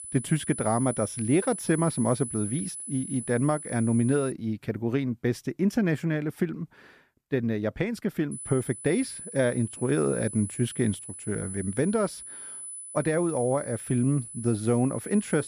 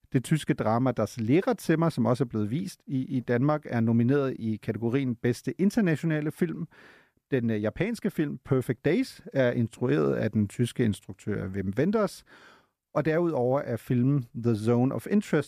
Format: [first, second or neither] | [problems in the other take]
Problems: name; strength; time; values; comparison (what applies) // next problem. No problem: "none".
second | high-pitched whine; loud; until 4.5 s and from 8.5 s on; 10 kHz, 9 dB below the speech